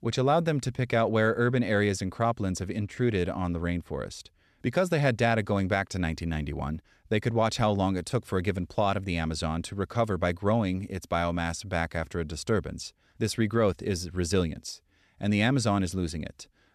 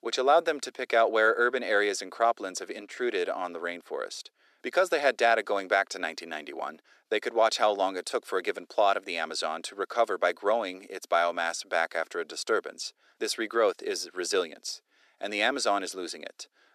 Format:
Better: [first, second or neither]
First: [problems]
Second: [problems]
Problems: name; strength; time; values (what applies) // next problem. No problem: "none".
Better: first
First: none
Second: thin; very; fading below 350 Hz